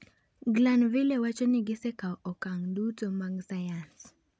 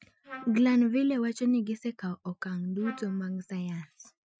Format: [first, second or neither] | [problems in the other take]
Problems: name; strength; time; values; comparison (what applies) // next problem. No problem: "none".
first | noise reduction (classical method Wiener filter)